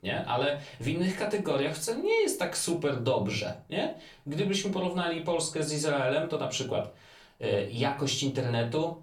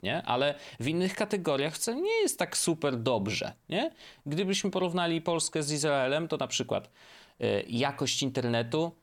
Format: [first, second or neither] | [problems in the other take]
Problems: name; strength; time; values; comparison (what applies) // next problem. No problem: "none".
second | off-mic speech; far // room echo; very slight; dies away in 0.3 s